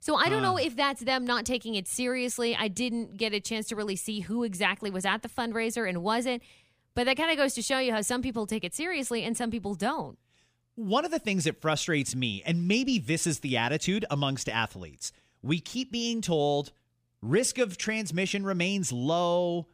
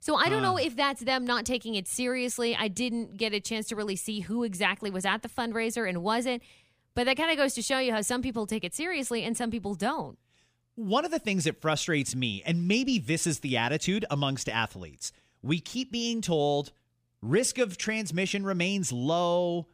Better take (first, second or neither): neither